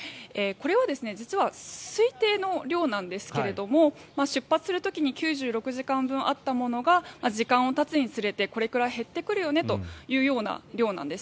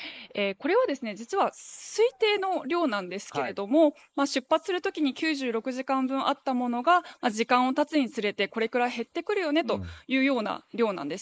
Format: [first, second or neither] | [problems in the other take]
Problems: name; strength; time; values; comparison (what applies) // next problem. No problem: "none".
first | noise reduction (neural mask model Resemble Enhance denoiser)